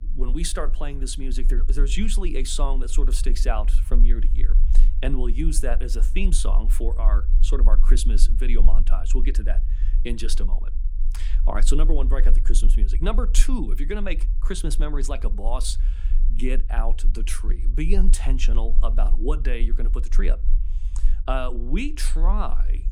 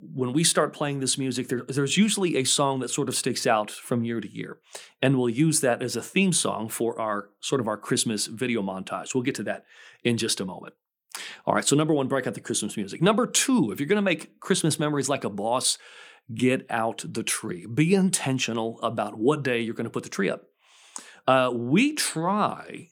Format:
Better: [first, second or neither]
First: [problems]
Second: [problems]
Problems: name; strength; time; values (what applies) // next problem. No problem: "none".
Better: second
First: low rumble; noticeable; throughout; 15 dB below the speech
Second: none